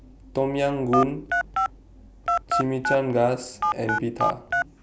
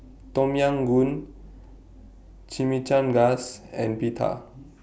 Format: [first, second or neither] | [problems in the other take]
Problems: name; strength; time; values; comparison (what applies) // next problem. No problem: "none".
second | background sound (Telephone); as loud as the speech